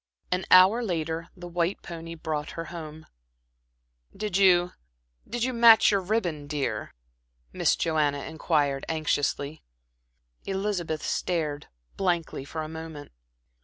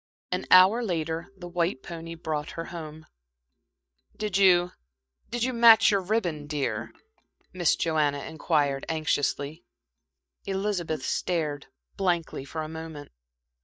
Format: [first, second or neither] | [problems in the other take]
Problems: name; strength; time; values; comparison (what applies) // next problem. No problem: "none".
first | noise reduction (neural mask model DeepFilterNet 3)